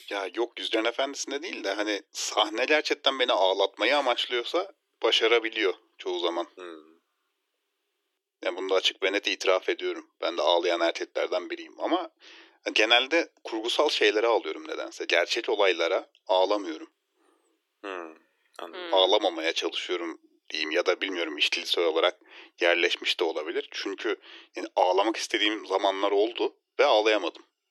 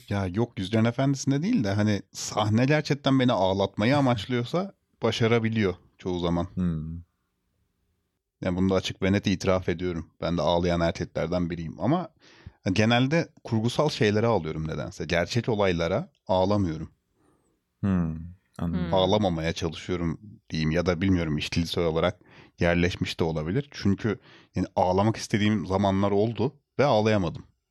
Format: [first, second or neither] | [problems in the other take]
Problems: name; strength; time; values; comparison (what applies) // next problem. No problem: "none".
second | thin; very; fading below 300 Hz